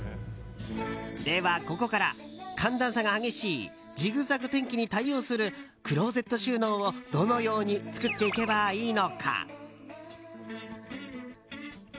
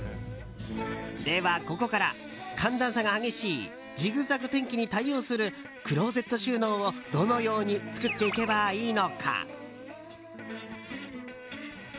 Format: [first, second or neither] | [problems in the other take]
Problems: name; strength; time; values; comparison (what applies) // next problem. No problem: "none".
first | background sound (Fart); 17 dB below the speech